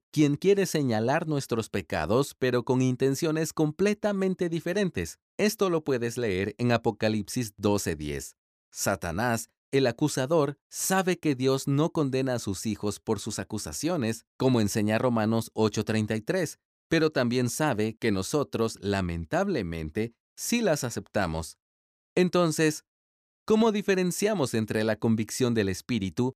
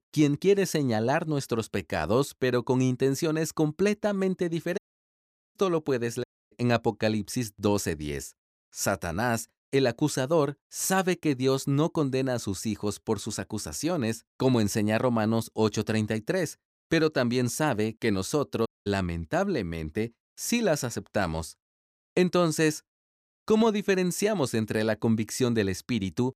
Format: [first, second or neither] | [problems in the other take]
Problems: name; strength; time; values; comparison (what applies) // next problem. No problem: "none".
first | audio cutting out; at 5 s for 1 s, at 6 s and at 19 s